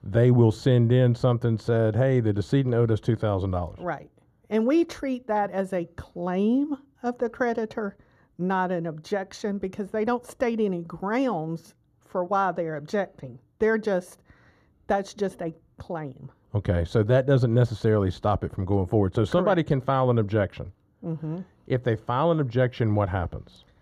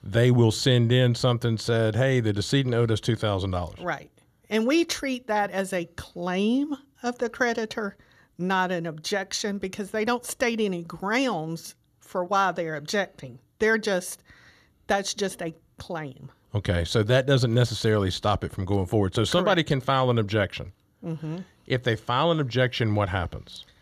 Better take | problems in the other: second | muffled; slightly; fading above 1.5 kHz

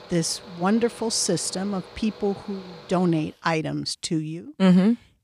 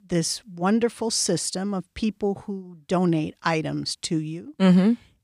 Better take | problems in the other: second | machinery noise; noticeable; until 3 s; 20 dB below the speech

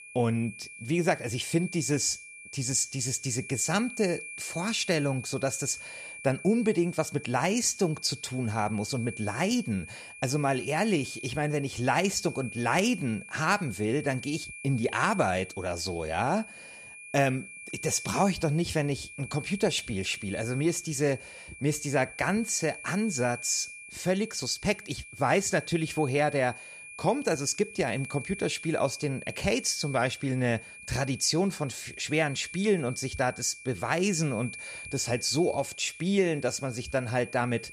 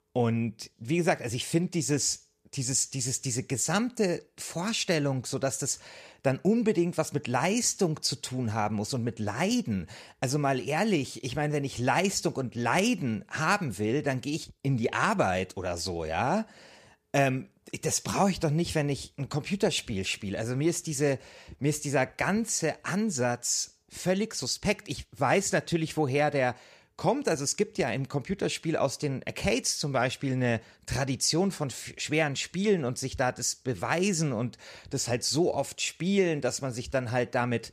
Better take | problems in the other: second | high-pitched whine; noticeable; throughout; 2.5 kHz, 15 dB below the speech

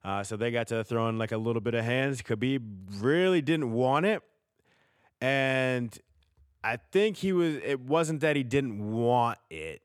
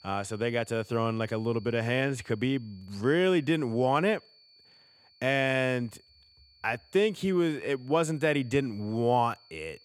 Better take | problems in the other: first | high-pitched whine; faint; throughout; 4.5 kHz, 30 dB below the speech

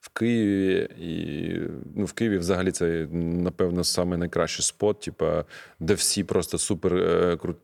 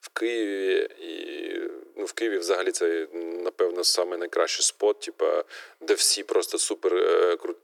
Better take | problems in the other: first | thin; very; fading below 350 Hz

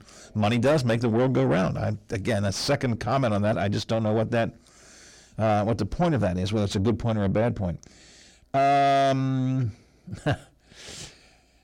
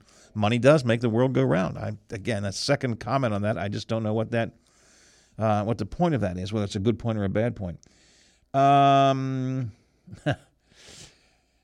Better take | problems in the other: second | distortion; heavy; 6 dB below the speech

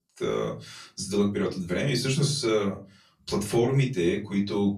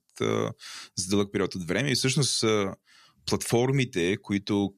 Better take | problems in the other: second | off-mic speech; far // room echo; very slight; dies away in 0.3 s

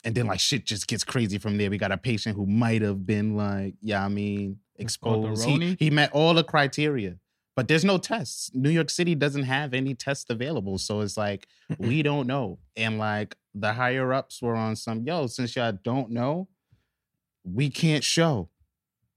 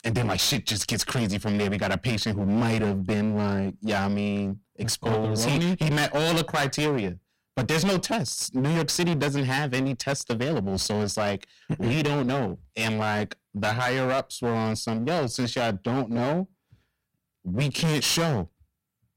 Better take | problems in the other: first | distortion; heavy; 20% of the sound clipped

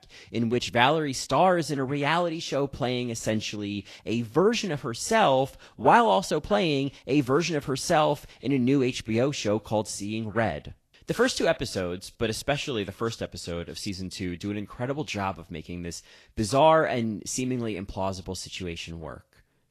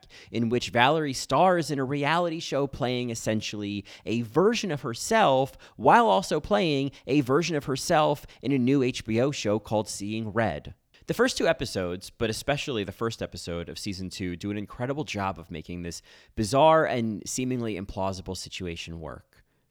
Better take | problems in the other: second | garbled, watery; slightly; nothing above 12.5 kHz

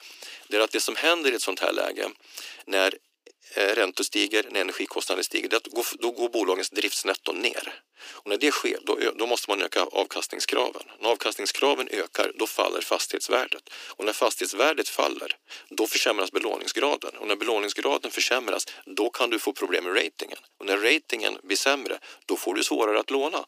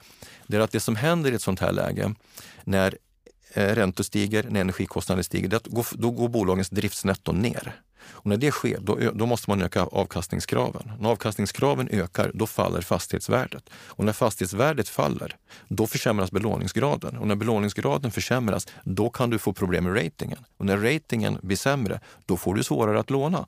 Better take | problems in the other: second | thin; somewhat; fading below 300 Hz

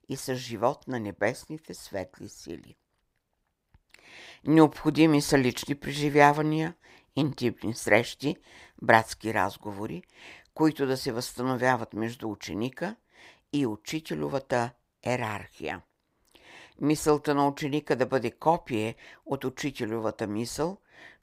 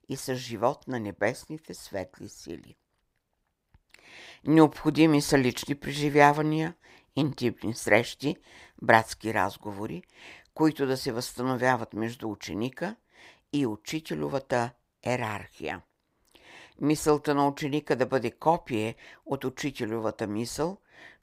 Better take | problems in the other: neither | none

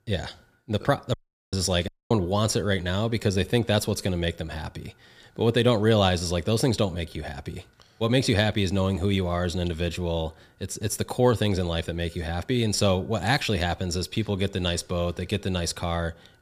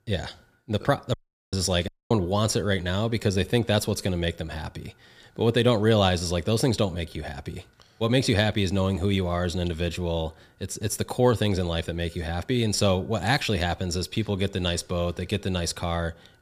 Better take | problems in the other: neither | audio cutting out; at 1 s and at 2 s; the same in both

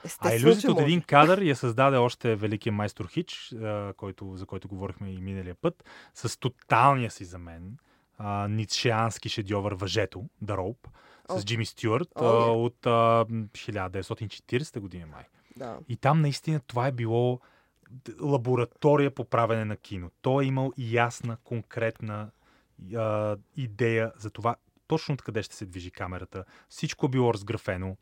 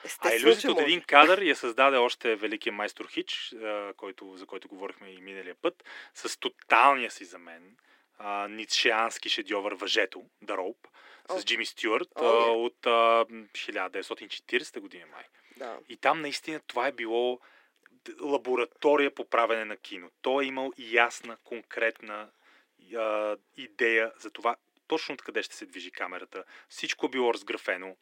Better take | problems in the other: first | thin; somewhat; fading below 300 Hz

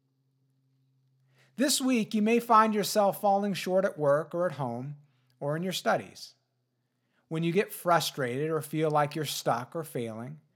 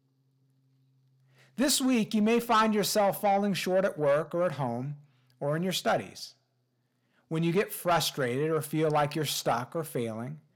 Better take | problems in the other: first | distortion; slight; 10 dB below the speech

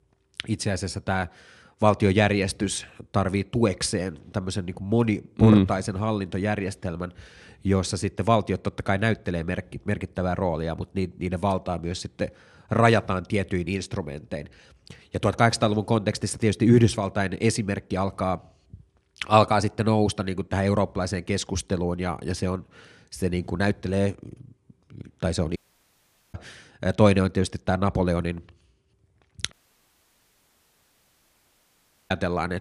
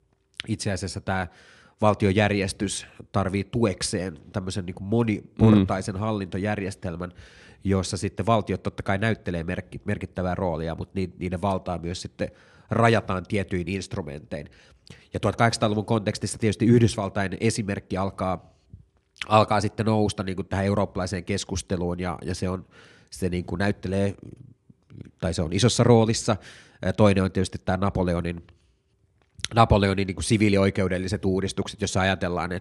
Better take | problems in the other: second | audio cutting out; at 26 s for 1 s and at 30 s for 2.5 s

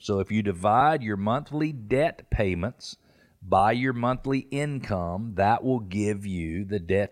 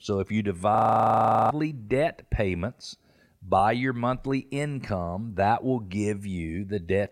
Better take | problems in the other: first | audio freezing; at 1 s for 1 s

